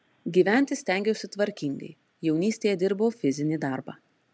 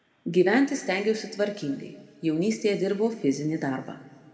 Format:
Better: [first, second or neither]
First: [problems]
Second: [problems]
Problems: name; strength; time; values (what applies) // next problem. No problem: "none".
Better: first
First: none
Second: room echo; dies away in 1.6 s